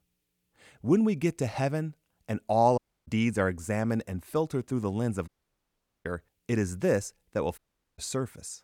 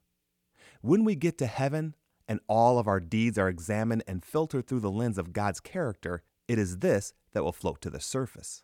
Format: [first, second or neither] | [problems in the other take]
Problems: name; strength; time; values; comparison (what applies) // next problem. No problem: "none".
second | audio cutting out; at 3 s, at 5.5 s for 1 s and at 7.5 s